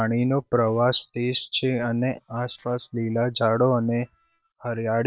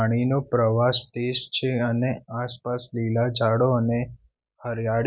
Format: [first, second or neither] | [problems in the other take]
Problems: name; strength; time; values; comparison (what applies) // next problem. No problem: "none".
second | noise reduction (neural separator model SepFormer WHAM!)